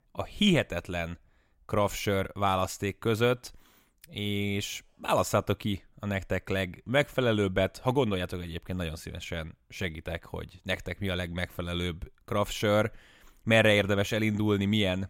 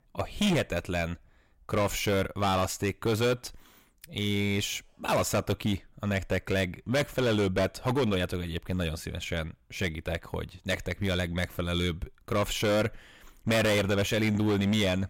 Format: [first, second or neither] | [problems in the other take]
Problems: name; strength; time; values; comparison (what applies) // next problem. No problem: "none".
first | distortion; heavy; 10% of the sound clipped